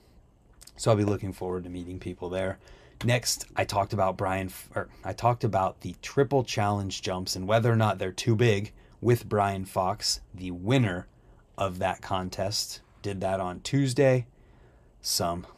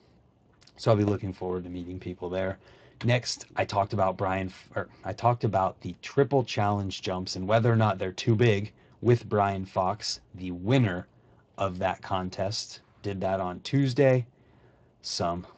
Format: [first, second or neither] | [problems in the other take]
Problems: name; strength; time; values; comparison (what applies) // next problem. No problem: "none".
first | garbled, watery; slightly; nothing above 7.5 kHz